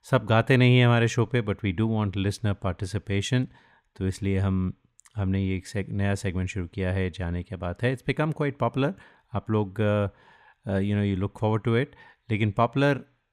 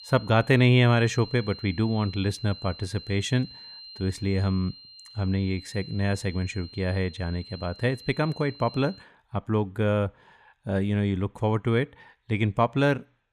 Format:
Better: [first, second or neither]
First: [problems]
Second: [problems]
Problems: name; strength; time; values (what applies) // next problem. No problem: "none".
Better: first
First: none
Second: high-pitched whine; noticeable; until 9 s; 4 kHz, 15 dB below the speech